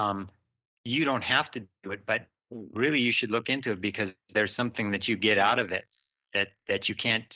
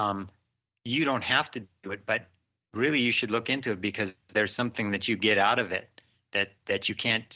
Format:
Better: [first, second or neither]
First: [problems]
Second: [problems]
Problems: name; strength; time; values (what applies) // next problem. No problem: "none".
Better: second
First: noise reduction (neural mask model Resemble Enhance denoiser)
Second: none